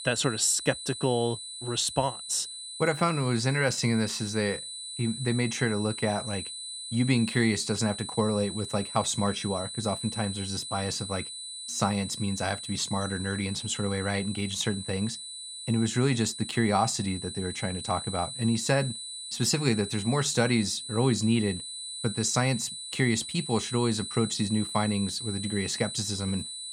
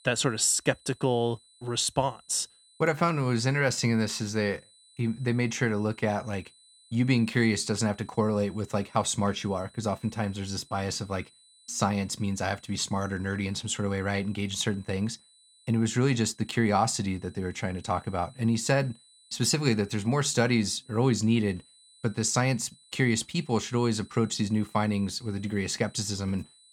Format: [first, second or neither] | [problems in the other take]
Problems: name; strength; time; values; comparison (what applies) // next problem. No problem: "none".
second | high-pitched whine; loud; throughout; 4 kHz, 8 dB below the speech; faint in the second